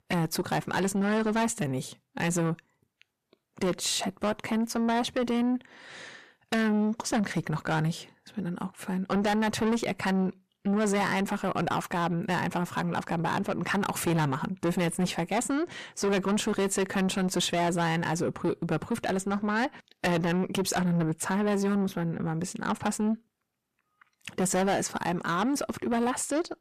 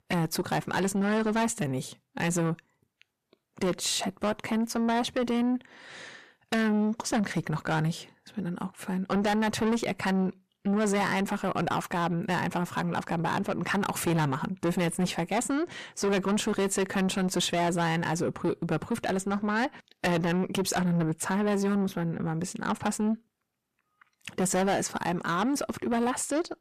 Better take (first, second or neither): neither